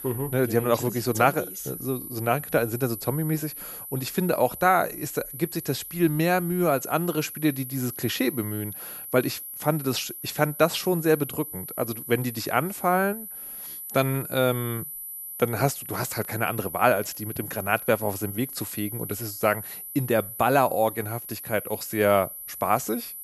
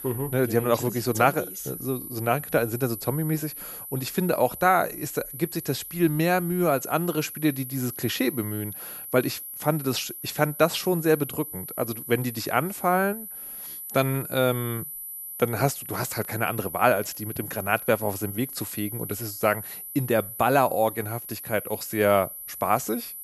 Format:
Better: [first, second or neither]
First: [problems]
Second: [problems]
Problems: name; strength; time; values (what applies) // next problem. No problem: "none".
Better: neither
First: high-pitched whine; loud; throughout; 12 kHz, 9 dB below the speech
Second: high-pitched whine; loud; throughout; 12 kHz, 9 dB below the speech